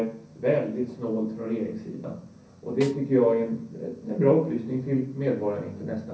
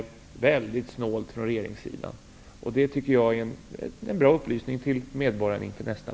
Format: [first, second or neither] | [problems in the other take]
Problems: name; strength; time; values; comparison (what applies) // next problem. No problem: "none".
second | background sound (Snare drum); 19 dB below the speech // room echo; dies away in 0.6 s